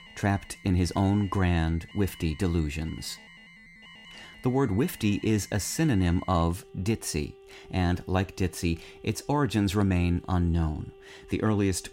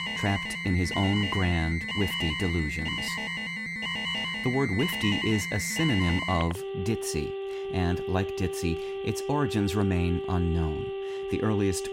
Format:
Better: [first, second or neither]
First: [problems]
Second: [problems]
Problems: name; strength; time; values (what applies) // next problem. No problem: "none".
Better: first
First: alarms or sirens; faint; throughout; 20 dB below the speech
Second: alarms or sirens; loud; throughout; 2 dB below the speech